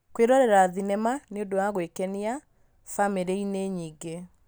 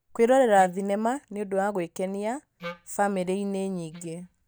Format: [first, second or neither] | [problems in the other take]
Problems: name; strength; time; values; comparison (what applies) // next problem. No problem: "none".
first | noise reduction (neural mask model DeepFilterNet 3)